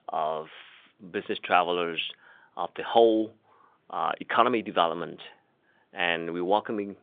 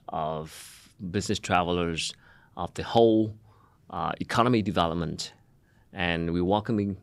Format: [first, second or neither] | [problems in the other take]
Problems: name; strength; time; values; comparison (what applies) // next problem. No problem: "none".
second | phone-call audio; nothing above 3.5 kHz